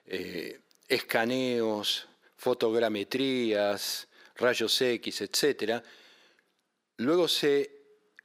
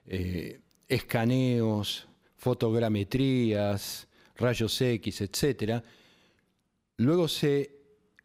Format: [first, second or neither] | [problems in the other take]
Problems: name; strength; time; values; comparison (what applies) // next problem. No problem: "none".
second | thin; somewhat; fading below 400 Hz